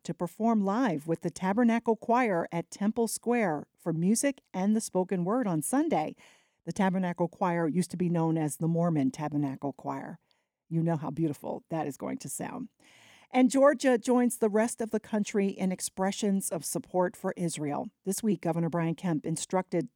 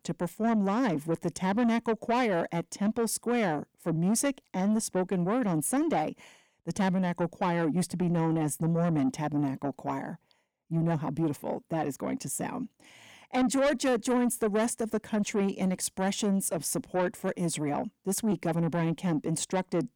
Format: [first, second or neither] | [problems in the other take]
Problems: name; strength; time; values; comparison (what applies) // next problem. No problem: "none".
first | distortion; slight; 10 dB below the speech